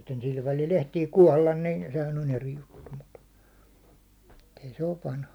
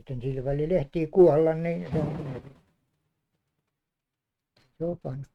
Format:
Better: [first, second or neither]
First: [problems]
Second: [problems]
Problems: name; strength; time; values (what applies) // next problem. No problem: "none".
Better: first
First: none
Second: noise reduction (neural mask model RNNoise)